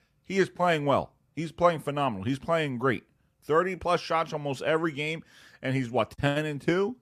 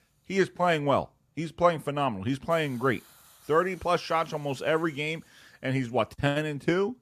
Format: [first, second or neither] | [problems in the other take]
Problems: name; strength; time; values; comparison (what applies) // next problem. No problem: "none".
first | hiss; faint; throughout; 25 dB below the speech